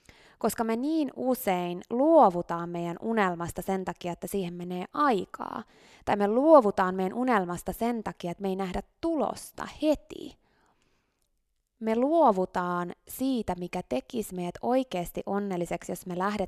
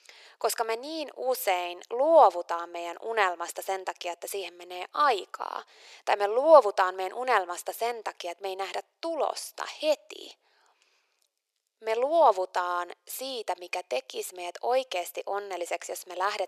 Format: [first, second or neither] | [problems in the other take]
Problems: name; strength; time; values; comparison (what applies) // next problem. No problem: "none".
first | thin; very; fading below 450 Hz